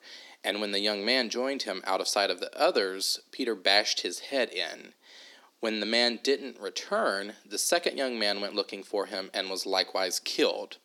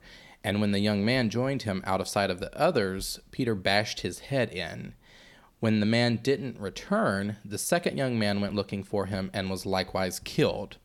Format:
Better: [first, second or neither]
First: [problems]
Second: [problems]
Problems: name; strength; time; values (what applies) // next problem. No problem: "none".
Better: second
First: thin; somewhat; fading below 250 Hz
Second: none